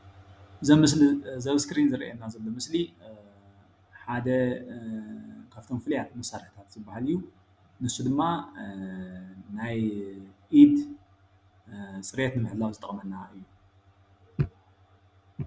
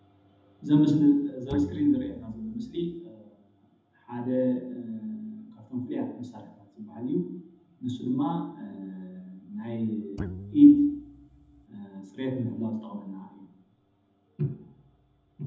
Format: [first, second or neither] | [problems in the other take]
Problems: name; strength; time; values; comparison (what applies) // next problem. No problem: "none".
first | background sound (Guitar); 12 dB below the speech // room echo; dies away in 0.8 s